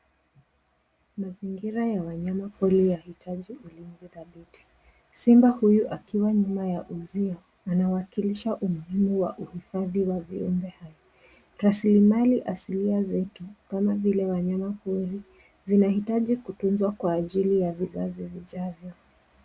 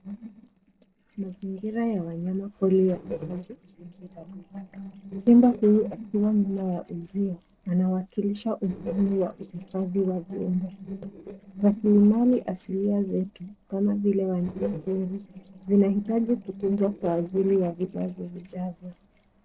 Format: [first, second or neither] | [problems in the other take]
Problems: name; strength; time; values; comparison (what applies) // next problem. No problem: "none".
first | noise reduction (neural separator model SepFormer DNS4)